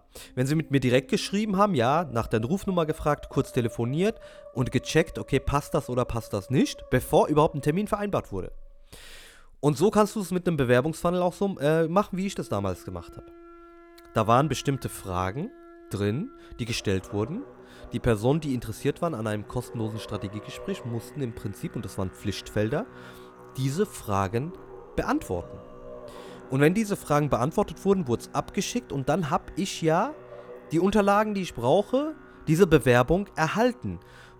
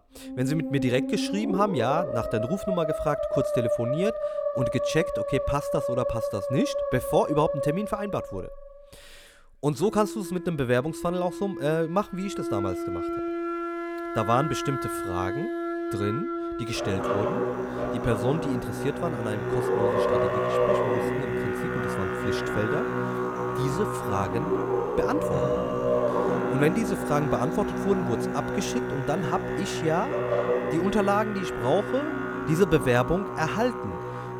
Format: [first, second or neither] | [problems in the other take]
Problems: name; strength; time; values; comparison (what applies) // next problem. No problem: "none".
first | background music; loud; throughout; as loud as the speech; faint in the first